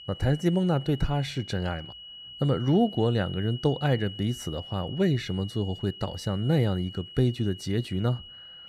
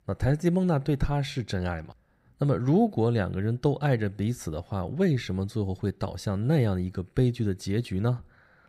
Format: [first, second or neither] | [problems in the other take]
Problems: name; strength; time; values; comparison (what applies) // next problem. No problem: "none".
second | high-pitched whine; noticeable; throughout; 3 kHz, 15 dB below the speech